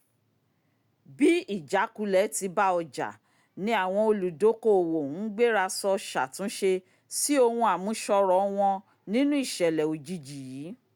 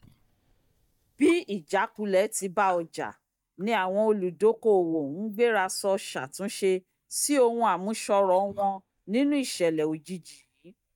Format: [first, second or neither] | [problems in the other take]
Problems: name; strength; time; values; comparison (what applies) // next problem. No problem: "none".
first | noise reduction (neural mask model DeepFilterNet 3)